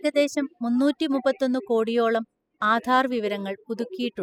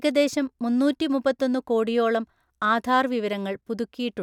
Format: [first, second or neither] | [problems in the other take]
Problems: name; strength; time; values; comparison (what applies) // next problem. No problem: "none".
second | noise reduction (classical method spectral subtraction)